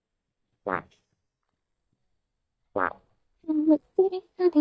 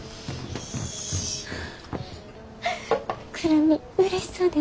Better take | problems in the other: second | noise reduction (neural mask model DeepFilterNet 3)

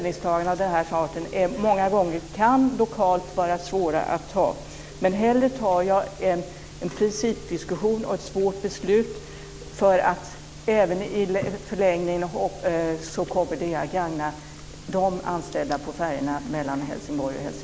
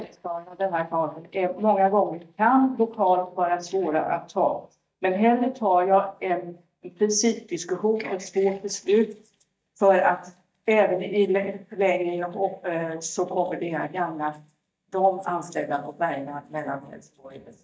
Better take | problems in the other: first | noise reduction (neural mask model DeepFilterNet 3)

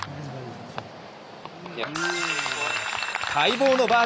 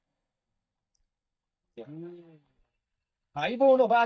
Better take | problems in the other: first | noise reduction (neural mask model DeepFilterNet 3)

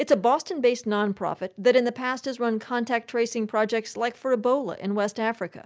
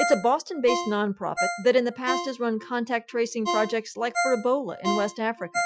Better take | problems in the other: first | noise reduction (classical method Wiener filter)

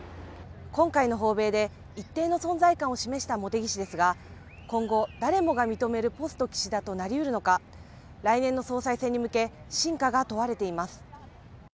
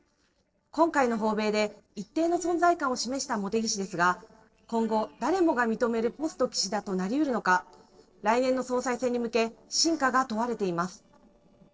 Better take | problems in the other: first | noise reduction (neural separator model SepFormer DNS4)

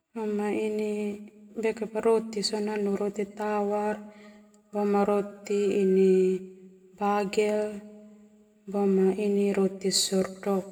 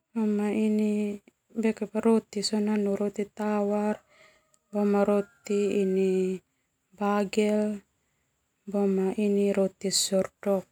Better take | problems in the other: second | room echo; dies away in 0.9 s

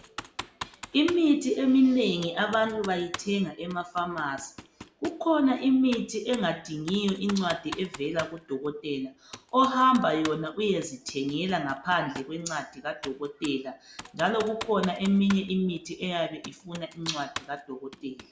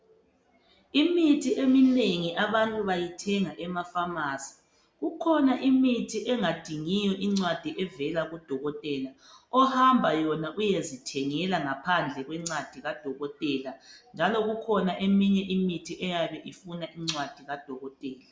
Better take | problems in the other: second | background sound (Computer keyboard); 17 dB below the speech

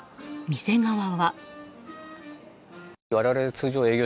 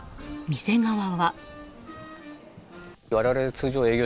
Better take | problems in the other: first | background sound (Wind); 19 dB below the speech

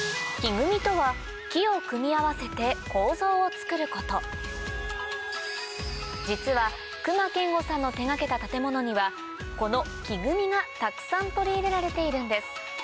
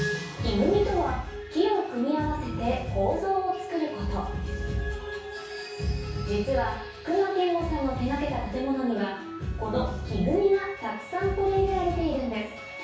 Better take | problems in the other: first | room echo; dies away in 0.6 s

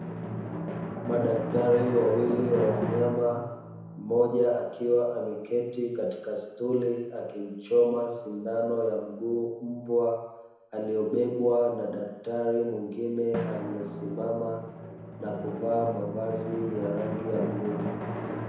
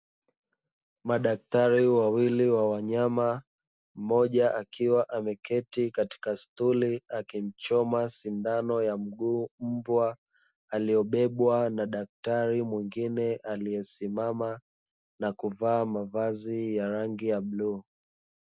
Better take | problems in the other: second | background sound (Drum); 9 dB below the speech // room echo; dies away in 1 s

